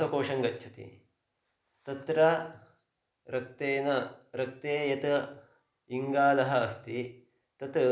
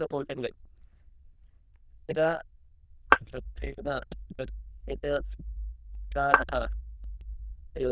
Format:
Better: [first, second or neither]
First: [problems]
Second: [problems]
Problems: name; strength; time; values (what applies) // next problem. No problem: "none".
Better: first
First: none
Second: noise reduction (neural diffusion model UNIVERSE++)